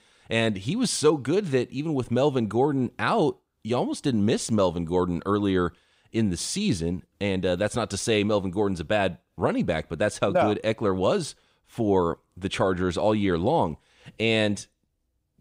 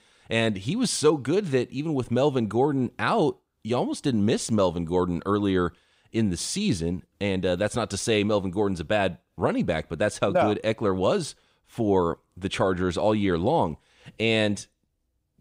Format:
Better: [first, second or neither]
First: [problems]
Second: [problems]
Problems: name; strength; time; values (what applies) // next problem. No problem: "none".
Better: neither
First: none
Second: none